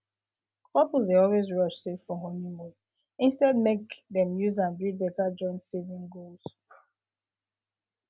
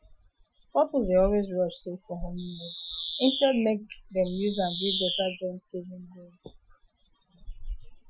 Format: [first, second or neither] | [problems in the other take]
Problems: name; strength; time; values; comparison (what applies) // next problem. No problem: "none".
first | noise reduction (classical method Wiener filter)